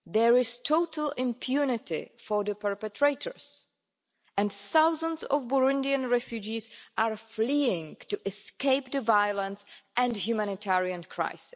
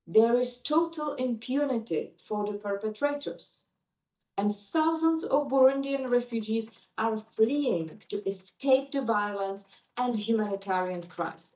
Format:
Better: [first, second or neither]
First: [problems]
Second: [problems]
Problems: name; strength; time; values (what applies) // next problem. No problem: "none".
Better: first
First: none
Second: noise reduction (neural mask model DeepFilterNet 3)